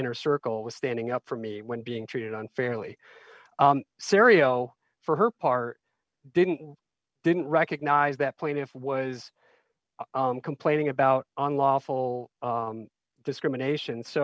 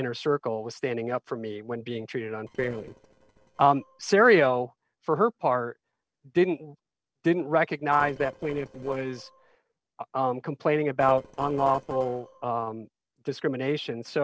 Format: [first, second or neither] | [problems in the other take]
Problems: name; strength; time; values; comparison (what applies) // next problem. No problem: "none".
first | noise reduction (neural separator model SepFormer DNS4)